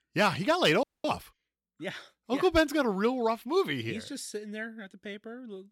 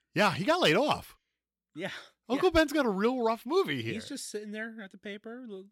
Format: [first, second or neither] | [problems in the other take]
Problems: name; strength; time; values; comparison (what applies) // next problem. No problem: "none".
second | audio freezing; at 1 s